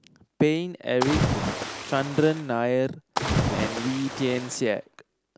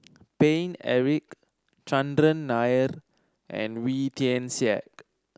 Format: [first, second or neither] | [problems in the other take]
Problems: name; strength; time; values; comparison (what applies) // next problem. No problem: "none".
second | background sound (Splash, splatter); 2 dB below the speech